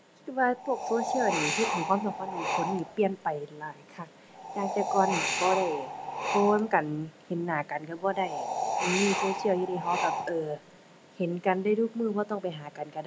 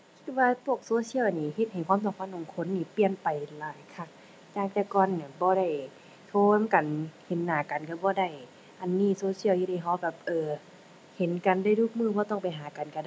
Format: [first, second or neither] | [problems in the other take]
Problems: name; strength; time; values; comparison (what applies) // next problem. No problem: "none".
second | background sound (Wind); 2 dB below the speech